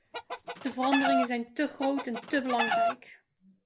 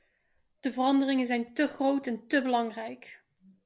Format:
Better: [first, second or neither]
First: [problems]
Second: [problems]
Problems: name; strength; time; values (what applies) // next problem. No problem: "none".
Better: second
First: background sound (Chicken, rooster); as loud as the speech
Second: none